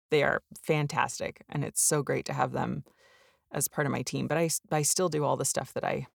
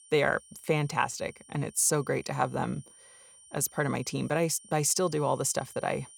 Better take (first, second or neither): first